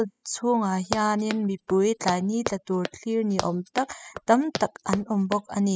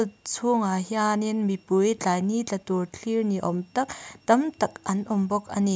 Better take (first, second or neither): second